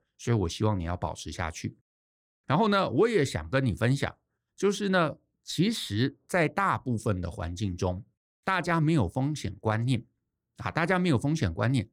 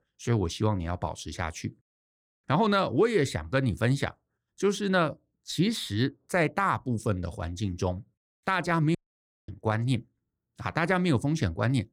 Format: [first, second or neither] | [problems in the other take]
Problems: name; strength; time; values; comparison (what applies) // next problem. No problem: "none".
first | audio cutting out; at 9 s for 0.5 s